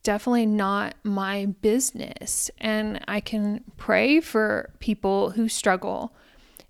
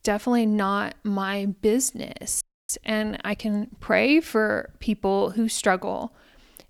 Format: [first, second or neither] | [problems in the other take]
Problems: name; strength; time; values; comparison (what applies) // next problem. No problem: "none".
first | audio freezing; at 2.5 s